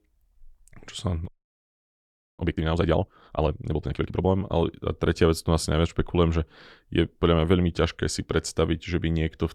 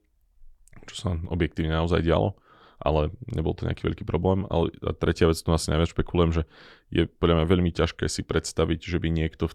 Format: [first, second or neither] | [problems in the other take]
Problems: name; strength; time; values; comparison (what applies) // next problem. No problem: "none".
second | audio freezing; at 1.5 s for 1 s